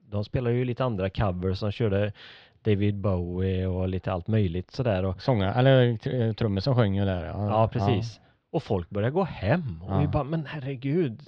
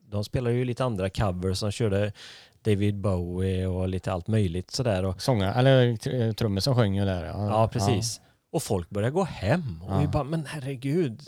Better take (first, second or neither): second